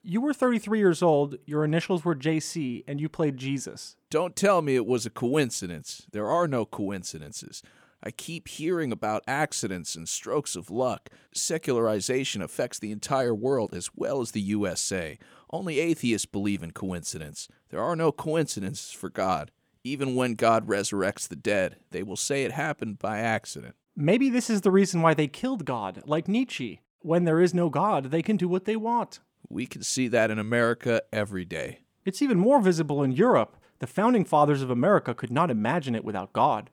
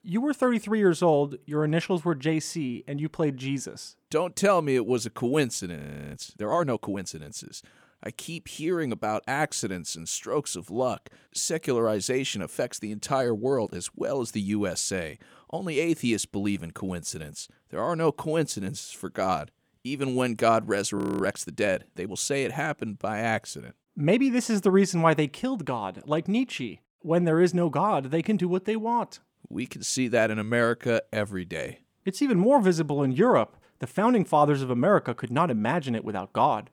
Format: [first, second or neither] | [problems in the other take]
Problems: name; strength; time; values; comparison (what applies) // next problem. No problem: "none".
first | audio freezing; at 6 s and at 21 s